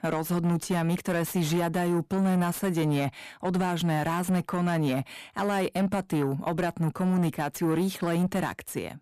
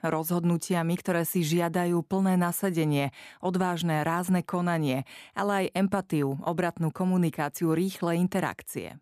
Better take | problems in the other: second | distortion; slight; 10 dB below the speech

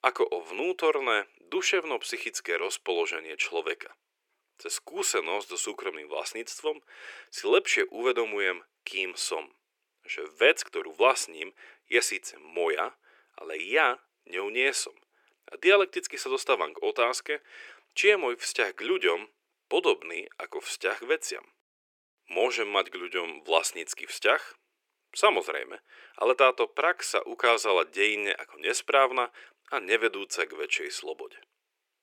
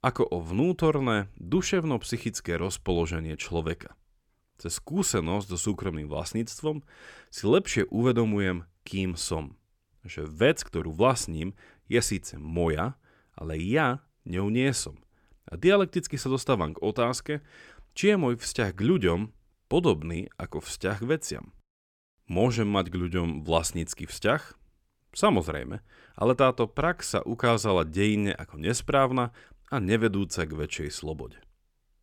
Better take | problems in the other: second | thin; very; fading below 400 Hz

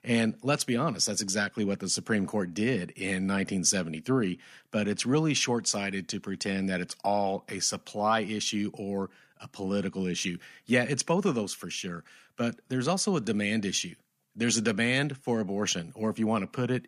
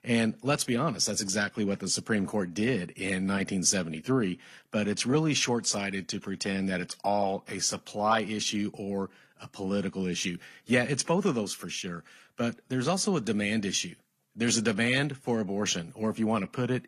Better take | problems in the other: first | garbled, watery; slightly

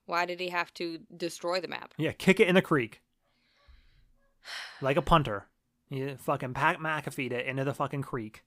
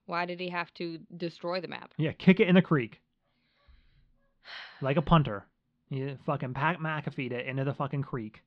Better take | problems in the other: first | muffled; very slightly; fading above 4 kHz

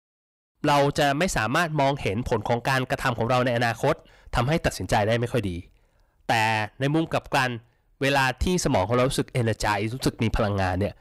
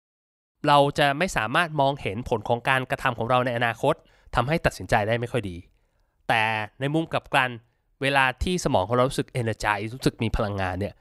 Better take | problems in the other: second | distortion; heavy; 8 dB below the speech

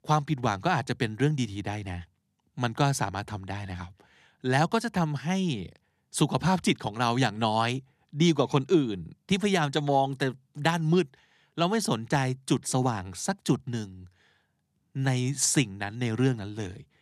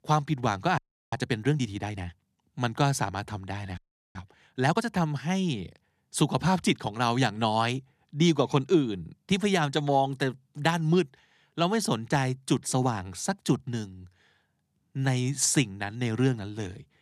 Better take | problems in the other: first | audio freezing; at 1 s and at 4 s

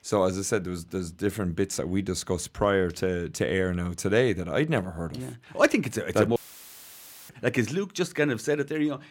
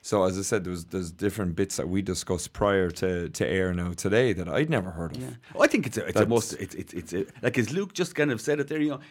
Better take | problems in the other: second | audio cutting out; filled with static; at 6.5 s for 1 s

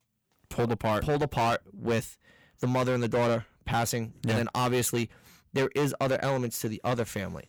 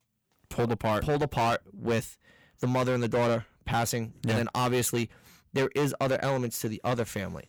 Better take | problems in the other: neither | distortion; heavy; 12% of the sound clipped; the same in both

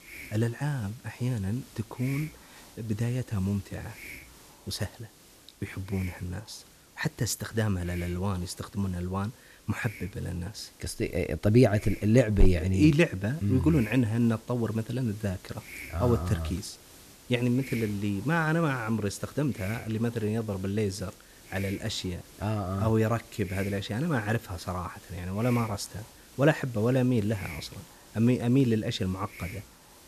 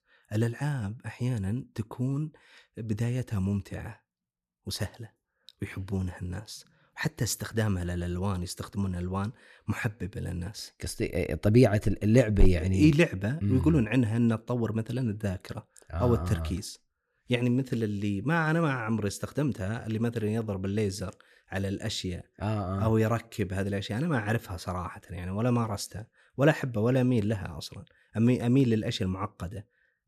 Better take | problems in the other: second | hiss; noticeable; throughout; 20 dB below the speech

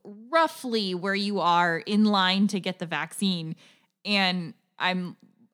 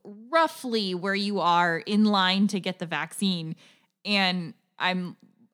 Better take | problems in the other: neither | none

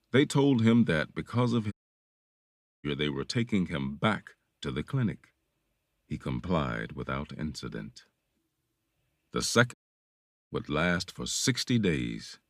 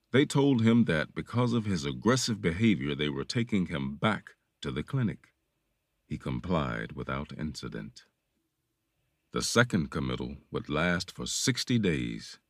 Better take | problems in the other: second | audio cutting out; at 1.5 s for 1 s and at 9.5 s for 1 s

